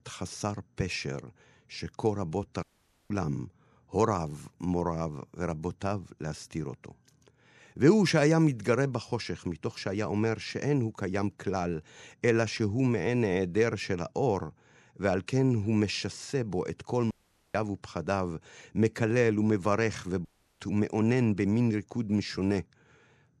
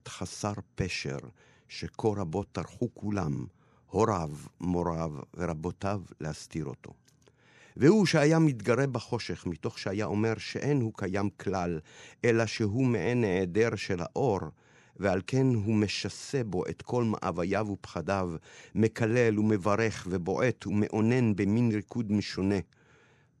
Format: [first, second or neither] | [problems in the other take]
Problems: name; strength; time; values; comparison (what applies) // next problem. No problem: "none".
second | audio cutting out; at 2.5 s, at 17 s and at 20 s